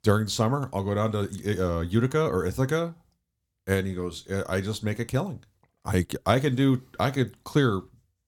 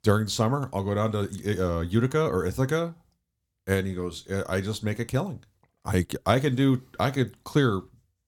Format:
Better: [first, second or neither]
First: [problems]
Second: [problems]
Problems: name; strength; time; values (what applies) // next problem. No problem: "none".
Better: neither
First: none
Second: none